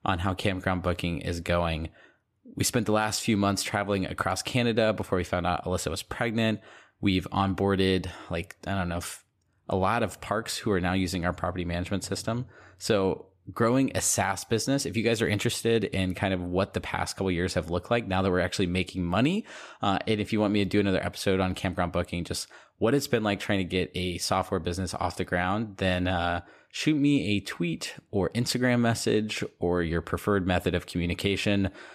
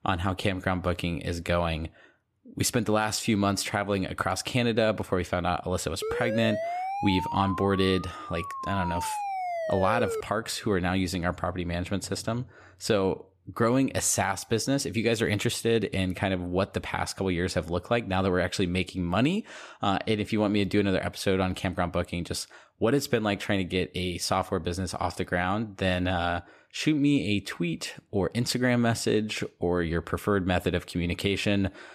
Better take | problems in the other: first | siren; noticeable; from 6 to 10 s; peak 3 dB below the speech

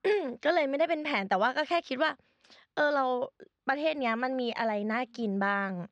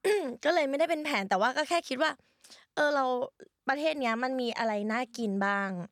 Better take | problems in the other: second | muffled; very slightly; fading above 4 kHz

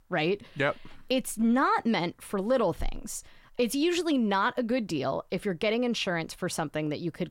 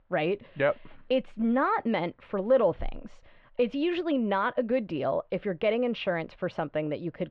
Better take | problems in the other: first | muffled; very; fading above 3 kHz

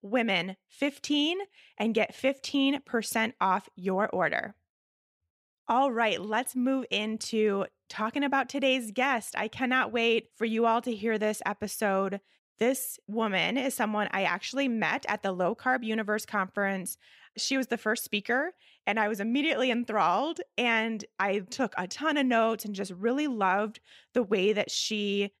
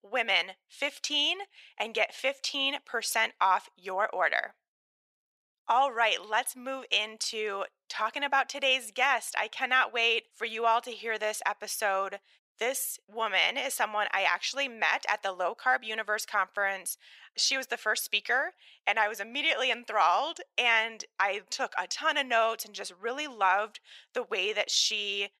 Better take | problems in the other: first | thin; very; fading below 750 Hz

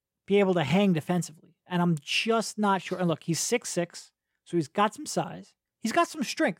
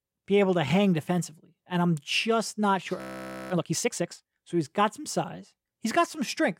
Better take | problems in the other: first | audio freezing; at 3 s for 0.5 s

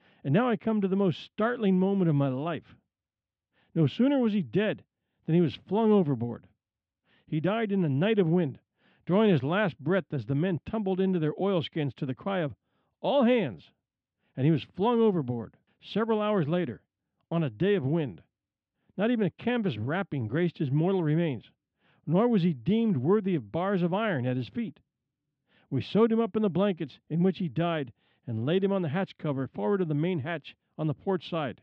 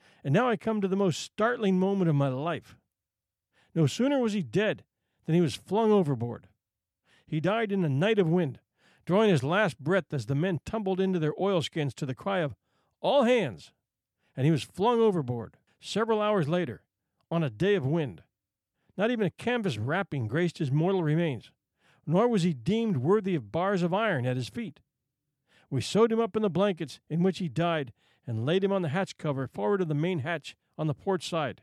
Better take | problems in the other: second | muffled; slightly; fading above 3.5 kHz

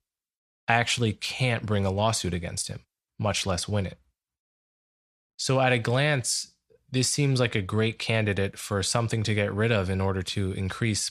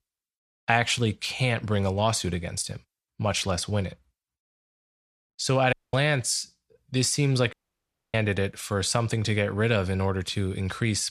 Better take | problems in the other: first | audio cutting out; at 5.5 s and at 7.5 s for 0.5 s

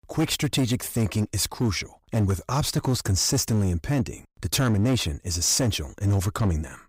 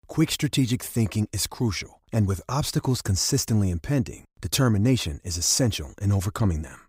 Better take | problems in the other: second | distortion; slight; 11% of the sound clipped

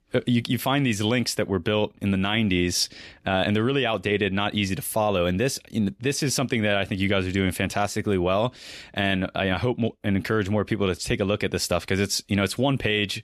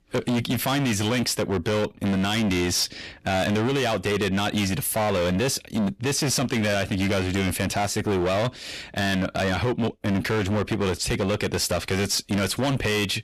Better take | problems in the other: first | distortion; heavy; 28% of the sound clipped

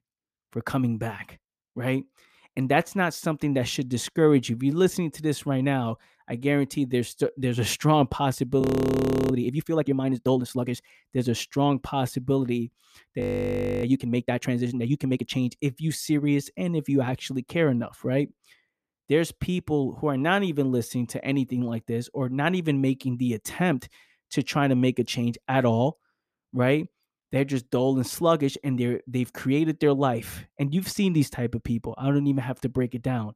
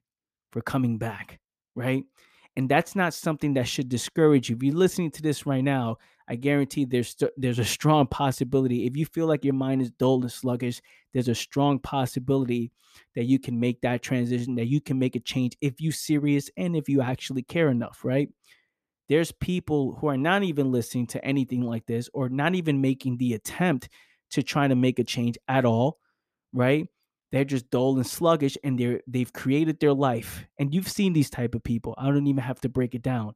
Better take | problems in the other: second | audio freezing; at 8.5 s for 0.5 s and at 13 s for 0.5 s

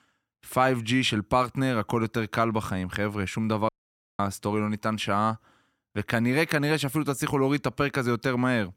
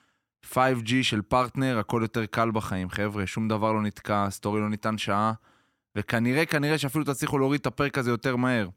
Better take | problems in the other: second | audio cutting out; at 3.5 s for 0.5 s

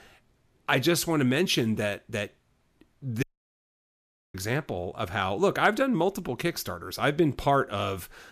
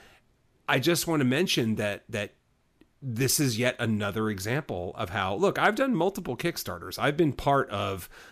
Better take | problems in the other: second | audio cutting out; at 3 s for 1 s

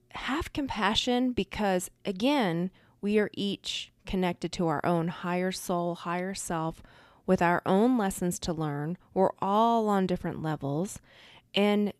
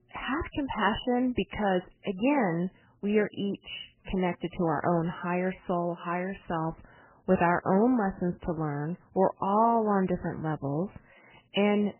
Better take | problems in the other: first | garbled, watery; badly; nothing above 3 kHz

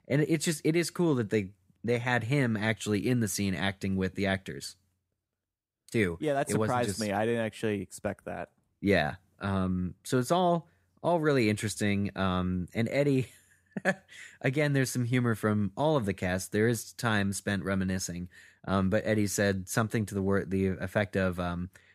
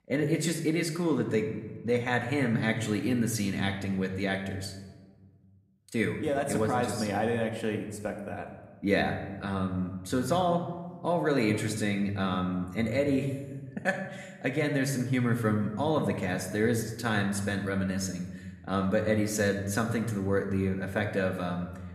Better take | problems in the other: first | room echo; slight; dies away in 1 s

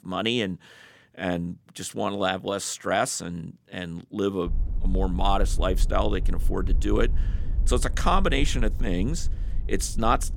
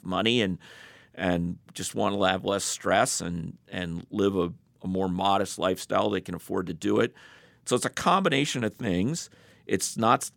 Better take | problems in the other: second | low rumble; faint; from 4.5 s on; 20 dB below the speech

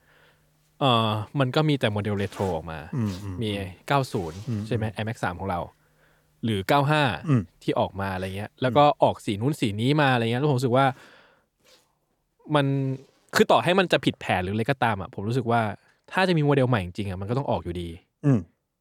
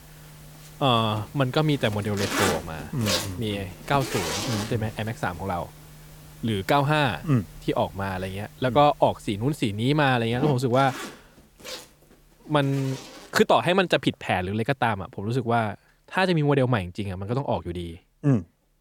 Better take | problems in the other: first | household noises; loud; throughout; 9 dB below the speech; faint in the first

